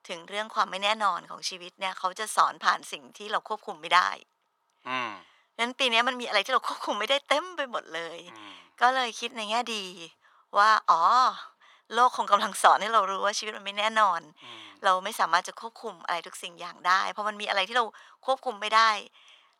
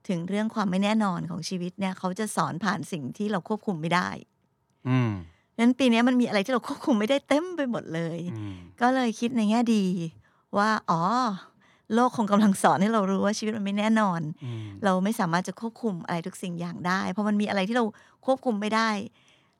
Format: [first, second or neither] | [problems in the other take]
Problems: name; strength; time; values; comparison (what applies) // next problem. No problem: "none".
second | thin; very; fading below 750 Hz